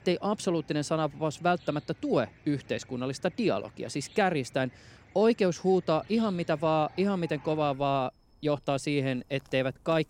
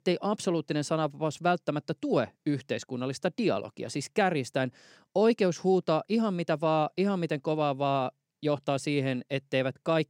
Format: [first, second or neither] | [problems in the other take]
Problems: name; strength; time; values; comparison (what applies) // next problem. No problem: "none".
second | animal sounds; faint; throughout; 25 dB below the speech